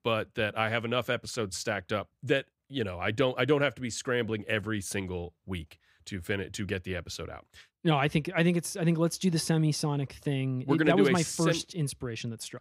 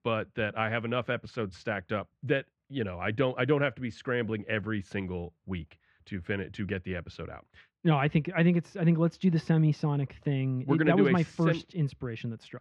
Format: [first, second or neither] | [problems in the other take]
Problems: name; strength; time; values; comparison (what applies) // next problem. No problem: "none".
first | muffled; slightly; fading above 2 kHz